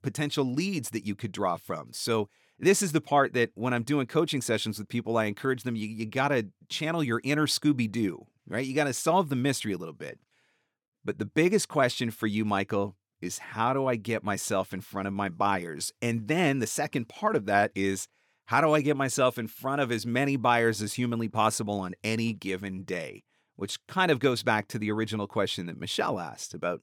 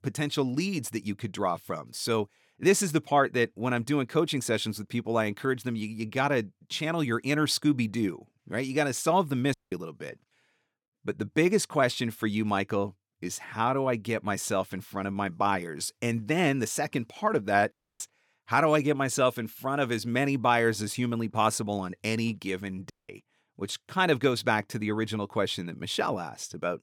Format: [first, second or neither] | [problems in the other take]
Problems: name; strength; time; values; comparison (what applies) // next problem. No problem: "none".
first | audio cutting out; at 9.5 s, at 18 s and at 23 s